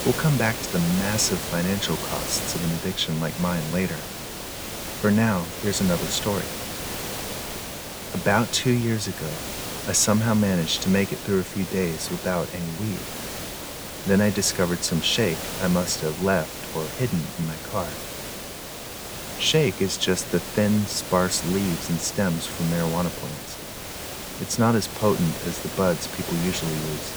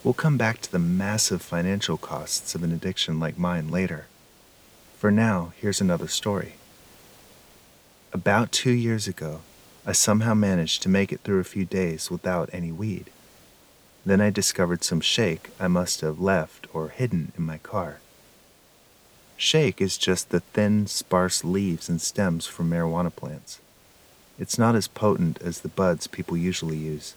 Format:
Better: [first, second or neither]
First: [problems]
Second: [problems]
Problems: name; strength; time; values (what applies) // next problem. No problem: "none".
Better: second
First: hiss; loud; throughout; 7 dB below the speech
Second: hiss; faint; throughout; 25 dB below the speech